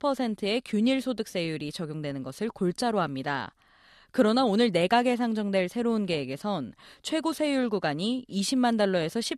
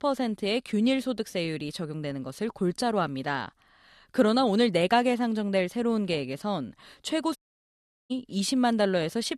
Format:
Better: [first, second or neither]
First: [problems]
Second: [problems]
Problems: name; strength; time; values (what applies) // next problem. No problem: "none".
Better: first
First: none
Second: audio cutting out; at 7.5 s for 0.5 s